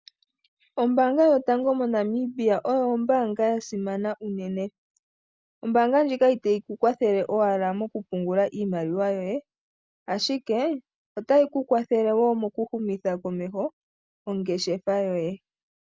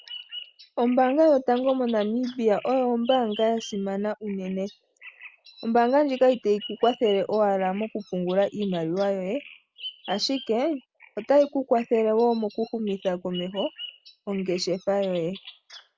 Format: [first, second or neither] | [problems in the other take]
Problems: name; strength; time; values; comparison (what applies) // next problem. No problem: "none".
first | background sound (Bird vocalization, bird call, bird song); 19 dB below the speech